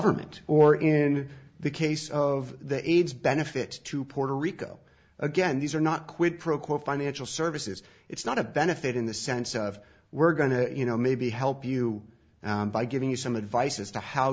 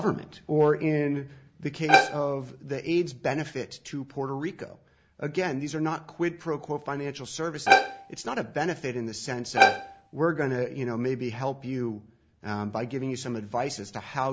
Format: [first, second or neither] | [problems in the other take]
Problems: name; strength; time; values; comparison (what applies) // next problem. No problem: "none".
first | background sound (Bowed string instrument); 5 dB above the speech